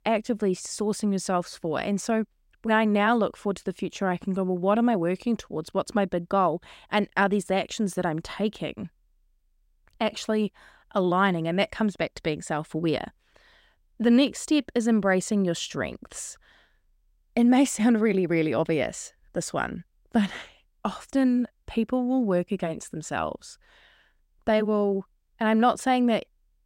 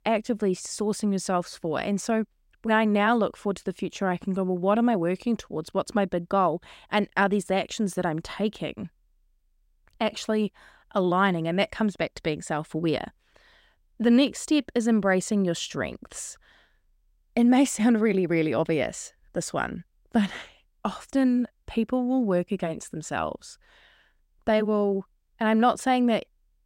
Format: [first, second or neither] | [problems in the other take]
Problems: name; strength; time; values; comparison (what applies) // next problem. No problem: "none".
neither | none